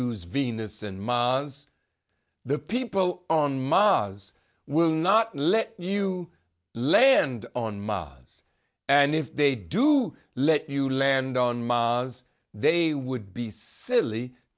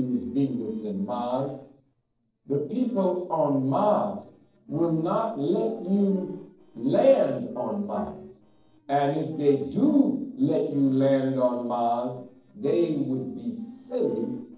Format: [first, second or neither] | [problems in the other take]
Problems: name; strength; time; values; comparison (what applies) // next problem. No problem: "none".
first | noise reduction (neural separator model SepFormer DNS4)